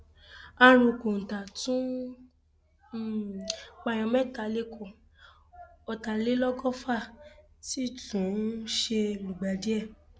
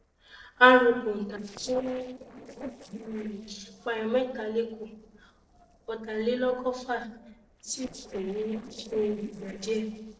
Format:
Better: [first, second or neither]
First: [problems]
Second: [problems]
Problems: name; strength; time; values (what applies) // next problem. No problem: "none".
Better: first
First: none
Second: noise reduction (neural separator model SepFormer DNS4)